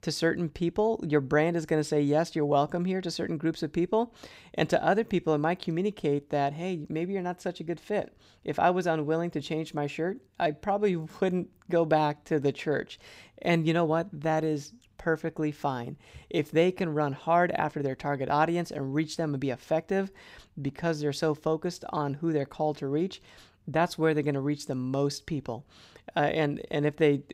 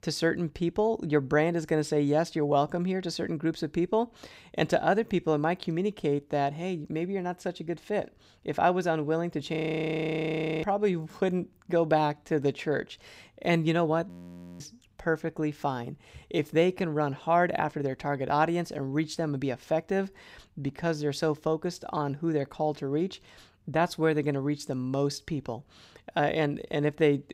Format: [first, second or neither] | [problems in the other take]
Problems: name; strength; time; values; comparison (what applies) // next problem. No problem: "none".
first | audio freezing; at 9.5 s for 1 s and at 14 s for 0.5 s